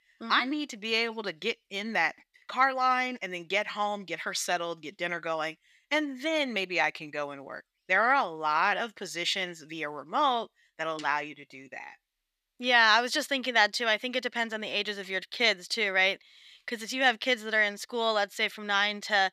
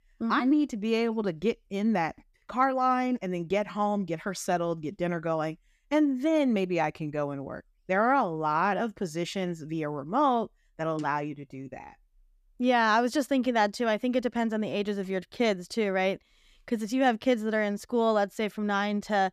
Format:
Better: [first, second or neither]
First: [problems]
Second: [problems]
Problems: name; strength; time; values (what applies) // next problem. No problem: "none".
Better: second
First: thin; somewhat; fading below 1 kHz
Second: none